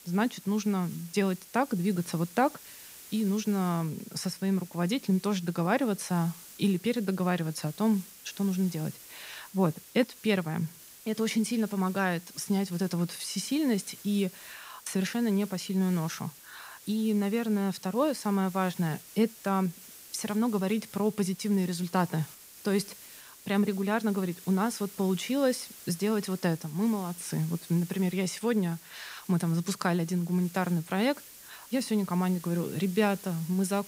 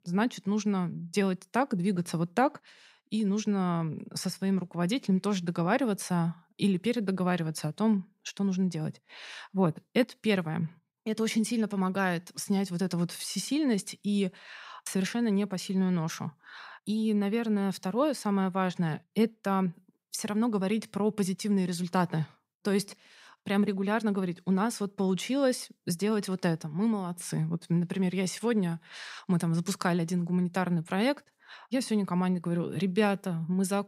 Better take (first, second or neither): second